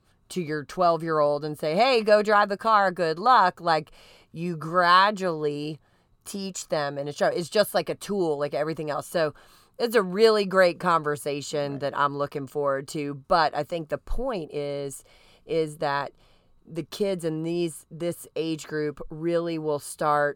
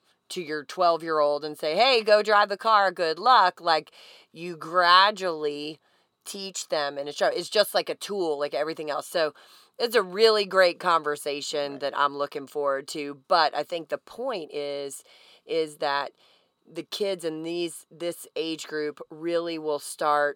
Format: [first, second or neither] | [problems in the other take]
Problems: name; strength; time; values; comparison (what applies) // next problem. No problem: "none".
first | thin; somewhat; fading below 300 Hz